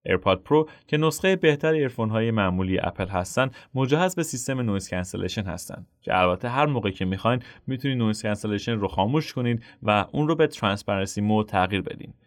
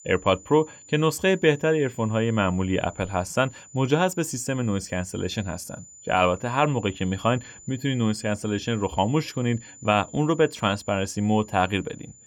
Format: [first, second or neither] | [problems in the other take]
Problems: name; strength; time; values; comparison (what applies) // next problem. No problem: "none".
first | high-pitched whine; faint; throughout; 7 kHz, 20 dB below the speech